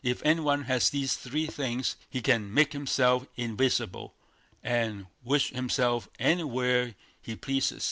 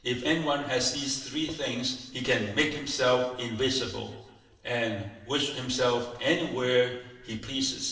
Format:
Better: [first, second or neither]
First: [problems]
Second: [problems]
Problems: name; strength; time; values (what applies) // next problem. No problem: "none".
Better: first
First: none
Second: room echo; dies away in 1 s